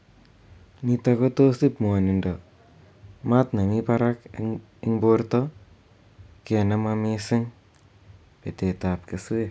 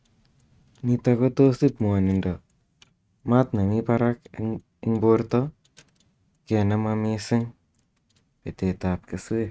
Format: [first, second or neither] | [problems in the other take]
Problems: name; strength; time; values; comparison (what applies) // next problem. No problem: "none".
first | noise reduction (neural mask model RNNoise)